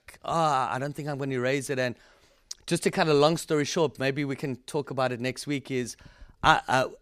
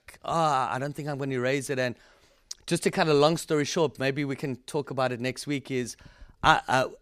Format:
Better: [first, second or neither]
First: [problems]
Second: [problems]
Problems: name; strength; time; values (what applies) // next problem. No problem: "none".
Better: neither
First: none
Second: none